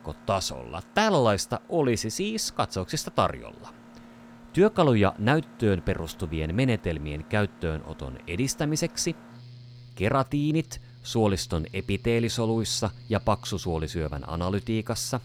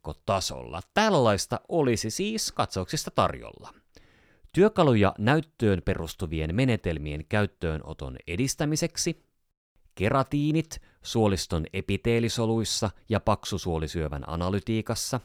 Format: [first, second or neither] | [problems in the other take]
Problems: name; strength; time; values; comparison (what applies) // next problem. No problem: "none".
second | machinery noise; faint; throughout; 20 dB below the speech